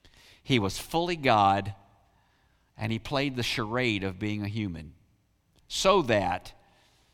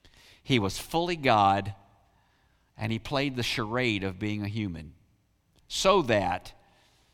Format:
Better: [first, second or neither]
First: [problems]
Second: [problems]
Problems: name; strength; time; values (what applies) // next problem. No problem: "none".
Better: neither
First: none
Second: none